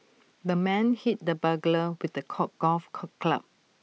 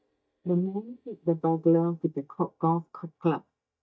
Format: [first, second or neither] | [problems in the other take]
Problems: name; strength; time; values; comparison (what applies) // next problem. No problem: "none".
first | noise reduction (neural mask model DeepFilterNet 3)